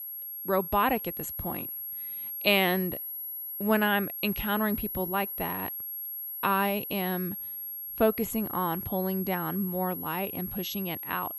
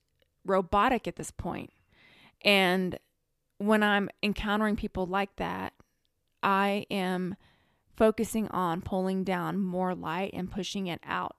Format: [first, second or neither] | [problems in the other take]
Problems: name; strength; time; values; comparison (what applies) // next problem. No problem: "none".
second | high-pitched whine; loud; throughout; 11.5 kHz, 5 dB below the speech